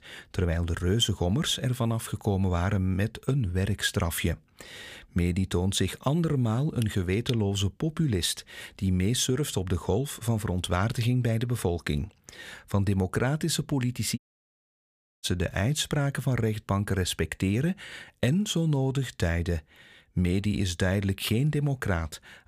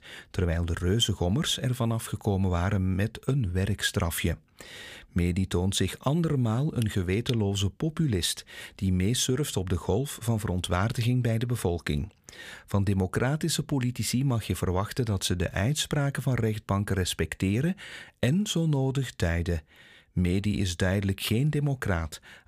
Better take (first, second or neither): second